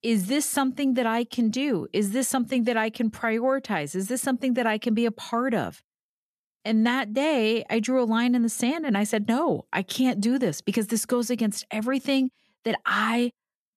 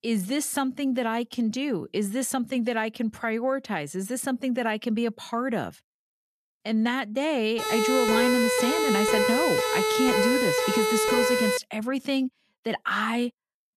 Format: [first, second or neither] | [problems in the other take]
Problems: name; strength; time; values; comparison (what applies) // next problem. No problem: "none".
first | siren; loud; from 7.5 to 12 s; peak 5 dB above the speech